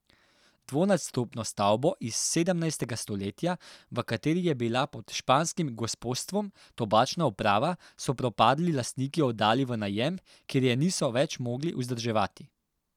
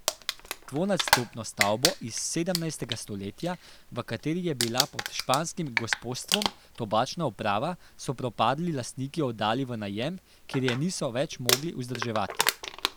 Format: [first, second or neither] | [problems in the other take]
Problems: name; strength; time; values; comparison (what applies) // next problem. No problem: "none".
first | background sound (Crumpling, crinkling); 3 dB below the speech